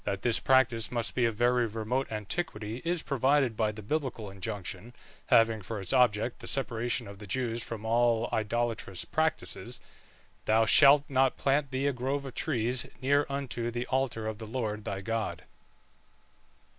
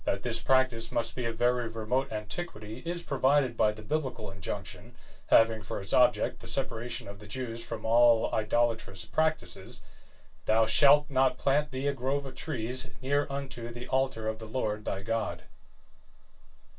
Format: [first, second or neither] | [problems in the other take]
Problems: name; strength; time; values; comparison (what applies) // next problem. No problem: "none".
first | room echo; dies away in 0.1 s